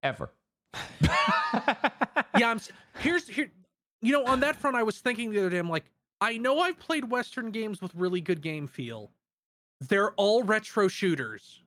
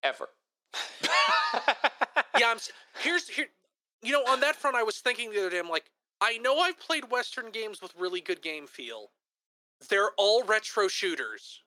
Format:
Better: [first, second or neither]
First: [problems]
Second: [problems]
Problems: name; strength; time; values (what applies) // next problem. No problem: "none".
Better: first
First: none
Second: thin; very; fading below 400 Hz